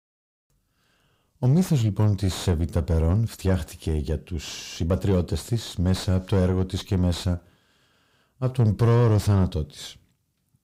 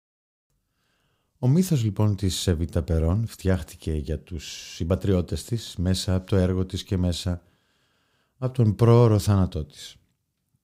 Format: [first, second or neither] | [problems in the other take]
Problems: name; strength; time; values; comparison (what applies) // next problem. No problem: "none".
second | distortion; slight; 10 dB below the speech